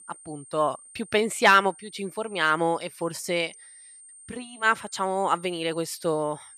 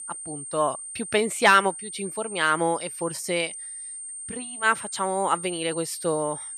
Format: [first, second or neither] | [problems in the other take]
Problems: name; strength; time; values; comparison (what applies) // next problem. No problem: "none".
first | high-pitched whine; loud; throughout; 9 kHz, 9 dB below the speech; faint in the first